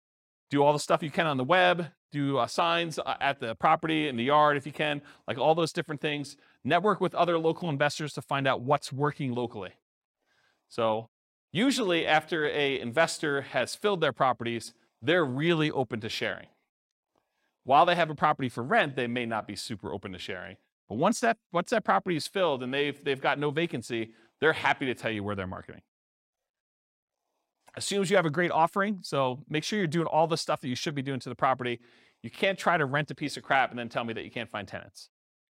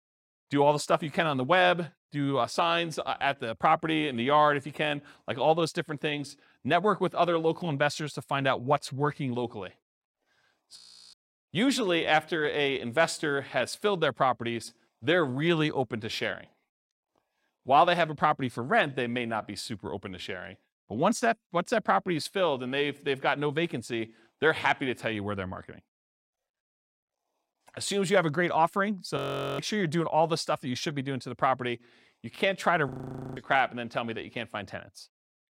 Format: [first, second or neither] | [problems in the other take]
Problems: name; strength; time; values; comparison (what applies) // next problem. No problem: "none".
first | audio freezing; at 11 s, at 29 s and at 33 s